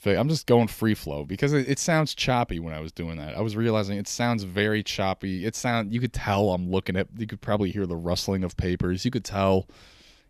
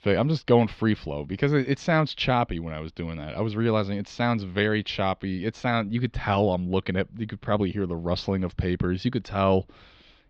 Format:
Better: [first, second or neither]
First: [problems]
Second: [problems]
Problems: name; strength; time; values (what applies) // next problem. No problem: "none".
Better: first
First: none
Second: muffled; slightly; fading above 4 kHz